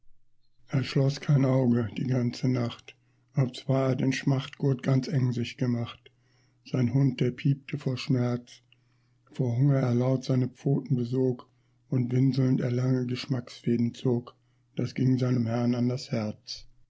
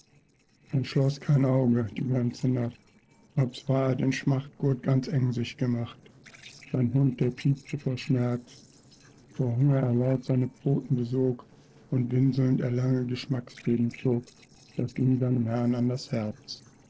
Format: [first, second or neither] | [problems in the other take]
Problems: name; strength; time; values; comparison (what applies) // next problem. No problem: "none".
first | noise reduction (neural separator model SepFormer DNS4)